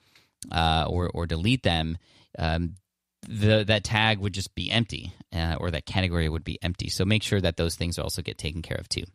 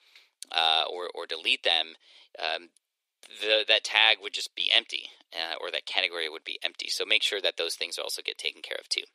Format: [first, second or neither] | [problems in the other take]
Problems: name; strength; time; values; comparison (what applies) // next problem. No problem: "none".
first | thin; very; fading below 400 Hz